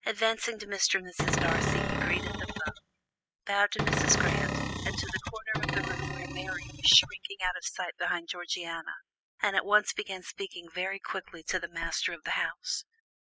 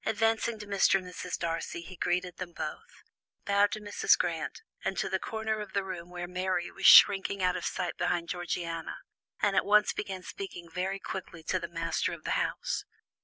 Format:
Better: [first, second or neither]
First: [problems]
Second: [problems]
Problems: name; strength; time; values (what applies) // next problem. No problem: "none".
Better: second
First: noise reduction (classical method spectral subtraction)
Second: none